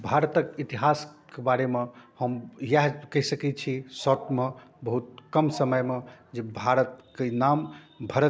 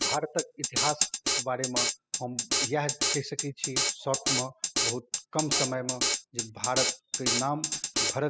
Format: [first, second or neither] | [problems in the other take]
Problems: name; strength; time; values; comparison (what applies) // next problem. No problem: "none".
first | noise reduction (classical method spectral subtraction)